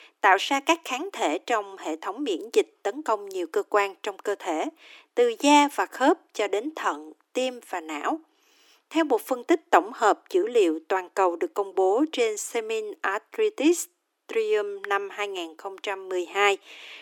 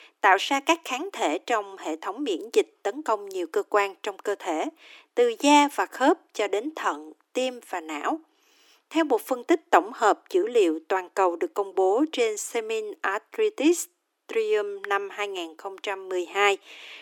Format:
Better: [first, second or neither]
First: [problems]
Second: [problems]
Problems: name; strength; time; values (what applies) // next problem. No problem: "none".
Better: neither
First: thin; somewhat; fading below 300 Hz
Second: thin; somewhat; fading below 300 Hz